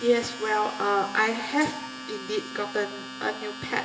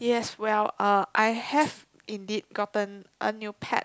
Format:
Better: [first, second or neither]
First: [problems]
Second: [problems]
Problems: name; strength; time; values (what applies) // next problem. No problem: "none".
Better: second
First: background sound (Domestic sounds, home sounds); 11 dB below the speech // room echo; dies away in 1.9 s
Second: none